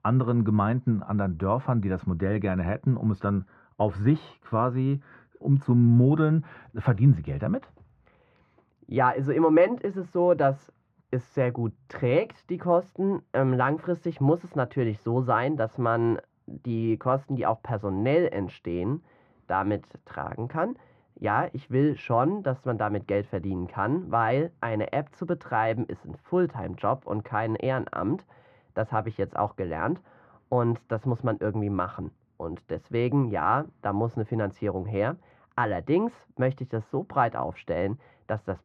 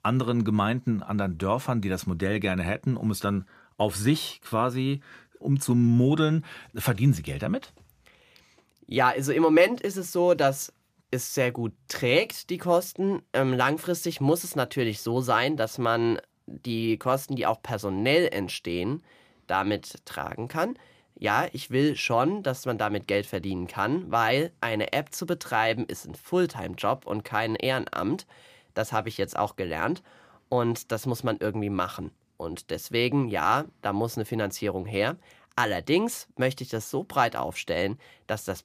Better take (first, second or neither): second